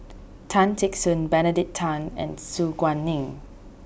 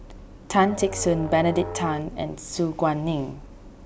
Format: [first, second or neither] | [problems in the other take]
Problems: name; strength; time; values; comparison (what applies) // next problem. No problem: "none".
first | background sound (Musical instrument); 11 dB below the speech